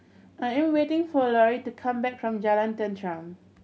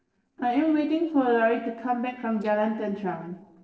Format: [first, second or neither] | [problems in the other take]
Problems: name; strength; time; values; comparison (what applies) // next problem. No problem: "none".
first | noise reduction (neural separator model SepFormer DNS4)